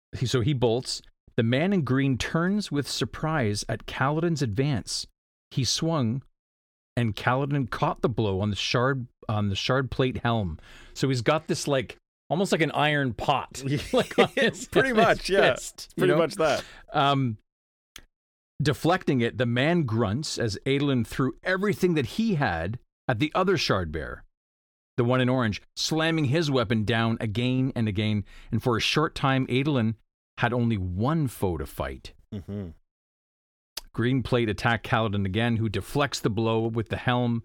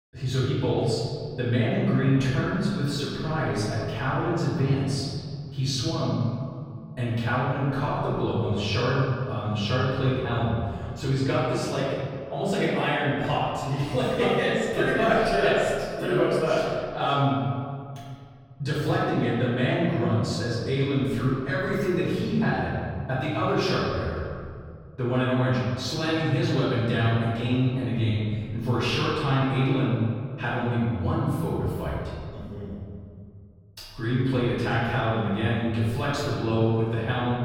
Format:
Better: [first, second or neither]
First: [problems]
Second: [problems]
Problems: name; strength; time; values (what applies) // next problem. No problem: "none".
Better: first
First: none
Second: off-mic speech; far // room echo; strong; dies away in 2.2 s